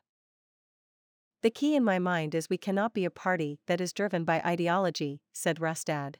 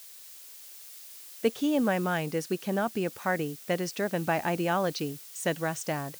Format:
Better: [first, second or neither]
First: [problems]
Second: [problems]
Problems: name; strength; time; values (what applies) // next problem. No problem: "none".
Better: first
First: none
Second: hiss; noticeable; throughout; 15 dB below the speech